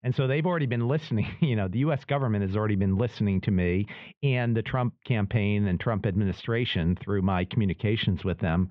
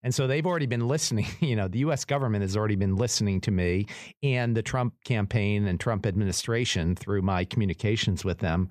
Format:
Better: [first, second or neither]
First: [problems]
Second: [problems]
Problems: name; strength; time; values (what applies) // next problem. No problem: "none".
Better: second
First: muffled; very; fading above 3.5 kHz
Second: none